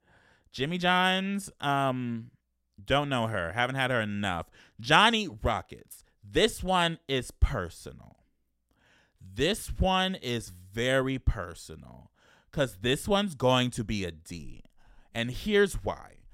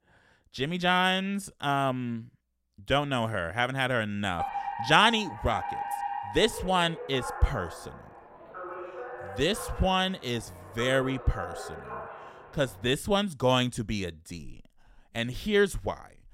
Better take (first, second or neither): first